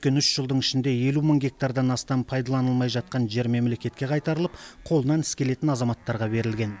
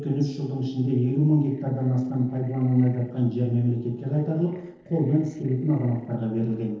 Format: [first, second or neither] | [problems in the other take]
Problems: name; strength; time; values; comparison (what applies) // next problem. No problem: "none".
first | noise reduction (neural separator model SepFormer DNS4)